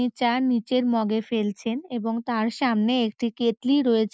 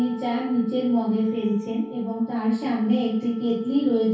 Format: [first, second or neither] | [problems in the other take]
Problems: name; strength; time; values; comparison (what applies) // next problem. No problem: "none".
first | background sound (Wind instrument, woodwind instrument); 16 dB below the speech // room echo; dies away in 0.6 s